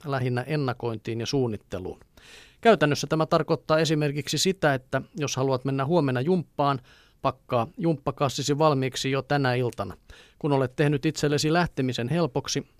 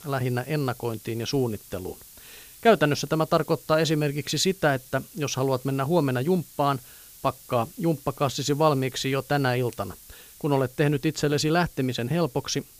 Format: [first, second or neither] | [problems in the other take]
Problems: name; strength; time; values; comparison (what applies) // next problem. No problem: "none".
first | hiss; faint; throughout; 20 dB below the speech